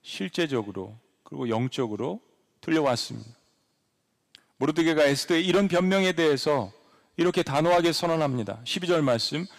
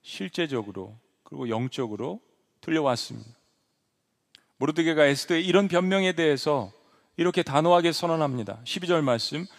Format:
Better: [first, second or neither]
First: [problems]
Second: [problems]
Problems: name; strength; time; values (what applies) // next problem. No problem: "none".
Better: second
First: distortion; slight; 4% of the sound clipped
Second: none